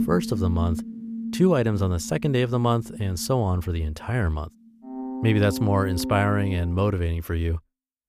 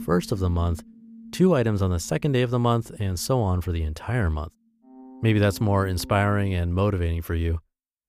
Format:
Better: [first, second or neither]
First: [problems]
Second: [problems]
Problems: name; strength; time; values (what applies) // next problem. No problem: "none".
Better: second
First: background music; loud; until 6.5 s; 9 dB below the speech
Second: background music; faint; until 6.5 s; 20 dB below the speech